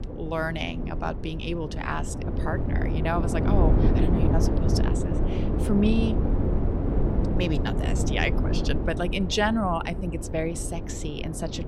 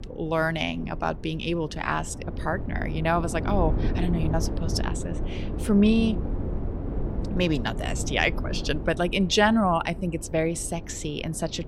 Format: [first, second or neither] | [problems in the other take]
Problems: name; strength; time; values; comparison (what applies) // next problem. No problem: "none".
second | wind noise on the microphone; heavy; 4 dB below the speech; occasional gusts in the second